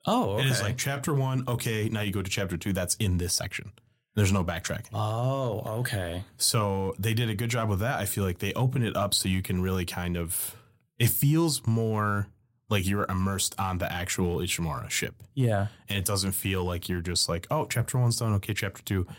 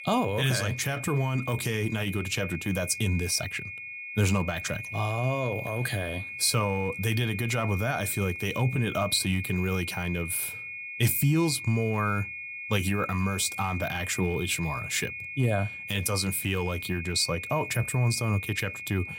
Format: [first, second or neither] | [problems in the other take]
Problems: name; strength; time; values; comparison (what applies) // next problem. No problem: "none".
first | high-pitched whine; loud; throughout; 2.5 kHz, 8 dB below the speech